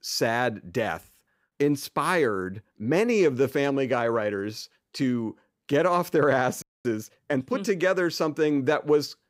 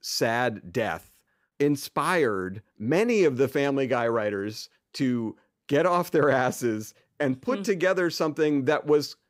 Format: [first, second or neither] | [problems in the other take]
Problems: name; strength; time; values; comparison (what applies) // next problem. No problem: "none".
second | audio freezing; at 6.5 s